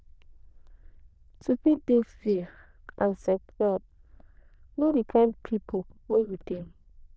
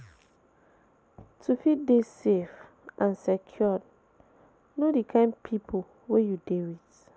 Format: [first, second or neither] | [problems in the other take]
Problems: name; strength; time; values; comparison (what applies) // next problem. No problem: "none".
second | noise reduction (neural diffusion model UNIVERSE++)